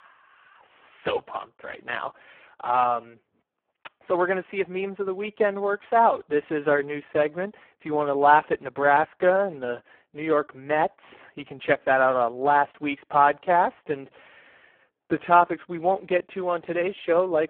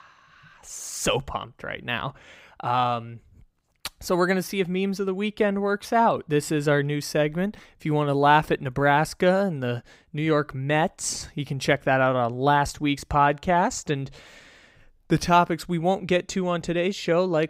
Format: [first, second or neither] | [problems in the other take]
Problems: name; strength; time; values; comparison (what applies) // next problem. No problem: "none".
second | phone-call audio; poor line